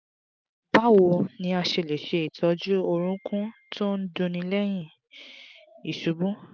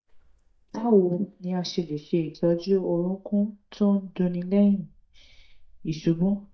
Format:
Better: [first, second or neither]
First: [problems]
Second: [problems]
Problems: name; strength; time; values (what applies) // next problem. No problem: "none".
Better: first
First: none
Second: noise reduction (neural mask model DeepFilterNet 3)